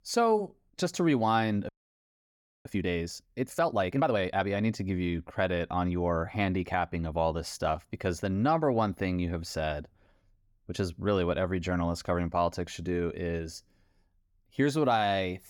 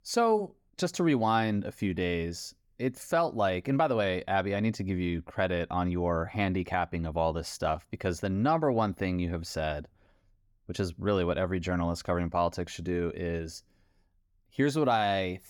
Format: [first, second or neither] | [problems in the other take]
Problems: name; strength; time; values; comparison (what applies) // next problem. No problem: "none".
second | audio freezing; at 1.5 s for 1 s